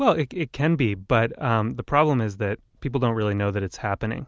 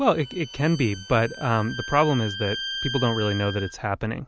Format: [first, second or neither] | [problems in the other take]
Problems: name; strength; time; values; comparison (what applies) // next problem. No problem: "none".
first | background sound (Bowed string instrument); 11 dB below the speech